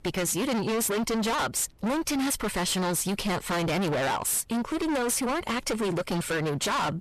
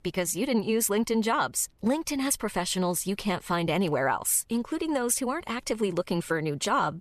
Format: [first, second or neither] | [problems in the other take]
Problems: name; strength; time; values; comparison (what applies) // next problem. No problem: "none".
second | distortion; heavy; 41% of the sound clipped